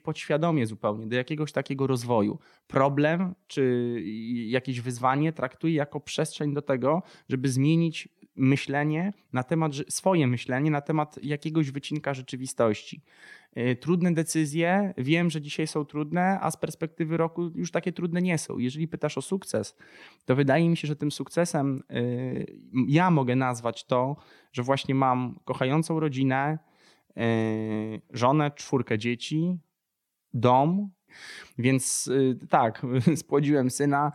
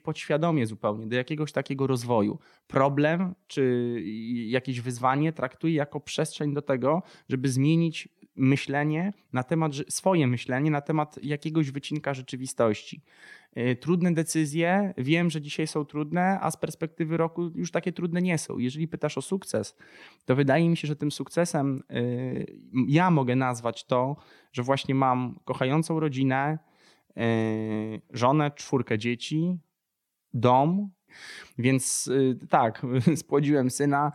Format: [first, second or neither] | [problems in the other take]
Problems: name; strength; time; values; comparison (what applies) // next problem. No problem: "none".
neither | none